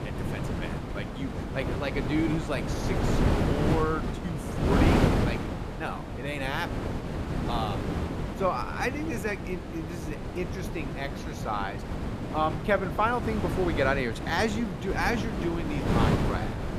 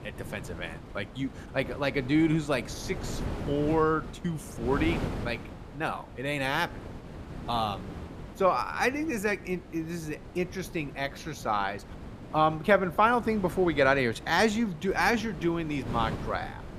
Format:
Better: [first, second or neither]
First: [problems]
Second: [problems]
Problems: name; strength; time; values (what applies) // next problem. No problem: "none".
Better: second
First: wind noise on the microphone; heavy; 3 dB below the speech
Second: wind noise on the microphone; occasional gusts; 15 dB below the speech